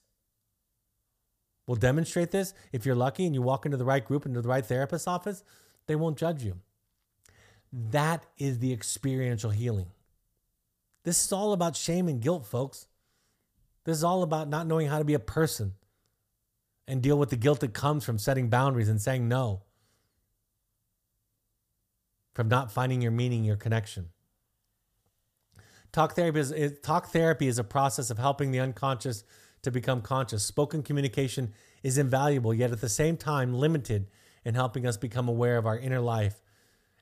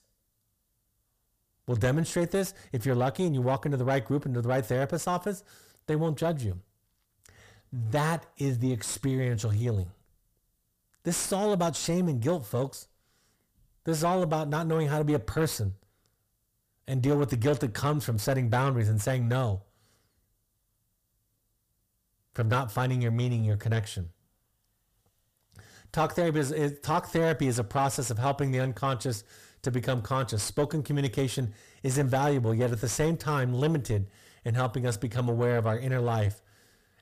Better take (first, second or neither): first